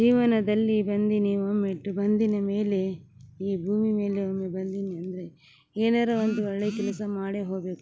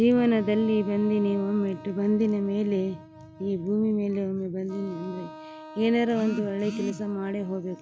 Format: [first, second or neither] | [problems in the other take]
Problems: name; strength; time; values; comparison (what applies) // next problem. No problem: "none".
first | background sound (Wind instrument, woodwind instrument); 19 dB below the speech